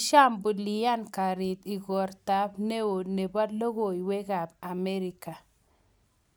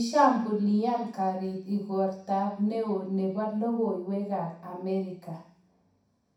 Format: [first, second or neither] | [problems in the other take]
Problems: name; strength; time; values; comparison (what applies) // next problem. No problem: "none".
first | room echo; dies away in 0.6 s